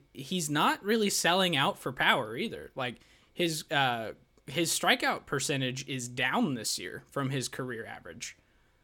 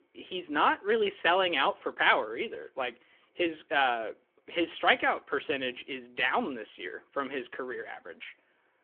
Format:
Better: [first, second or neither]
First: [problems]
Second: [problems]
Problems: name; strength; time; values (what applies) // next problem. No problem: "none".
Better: first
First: none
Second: phone-call audio; nothing above 3.5 kHz